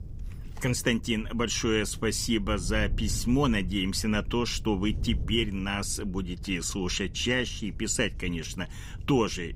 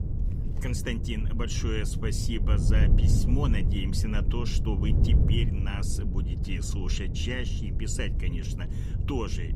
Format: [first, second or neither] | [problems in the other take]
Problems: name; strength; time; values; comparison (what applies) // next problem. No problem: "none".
first | wind noise on the microphone; heavy; 5 dB below the speech; occasional gusts in the first